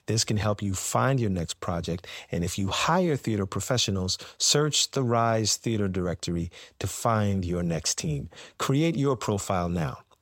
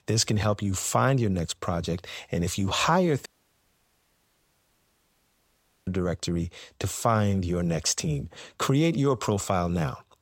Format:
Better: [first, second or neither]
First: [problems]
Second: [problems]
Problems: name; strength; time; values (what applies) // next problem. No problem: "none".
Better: first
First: none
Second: audio cutting out; at 3.5 s for 2.5 s